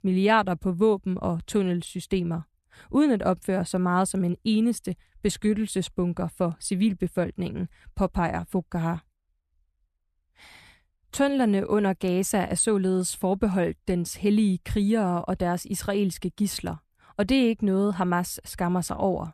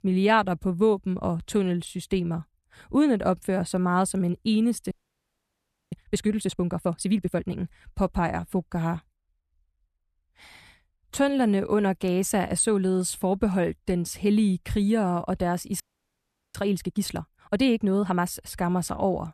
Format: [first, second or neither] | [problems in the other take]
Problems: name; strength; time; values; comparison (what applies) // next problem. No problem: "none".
first | audio freezing; at 5 s for 1 s and at 16 s for 0.5 s